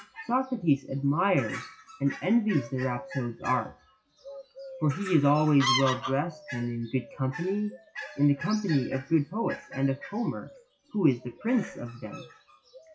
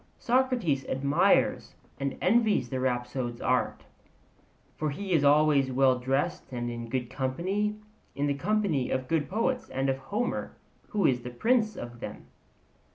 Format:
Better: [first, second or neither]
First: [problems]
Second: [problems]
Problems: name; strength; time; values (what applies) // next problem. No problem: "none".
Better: second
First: noise reduction (classical method WPE with log-MMSE)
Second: none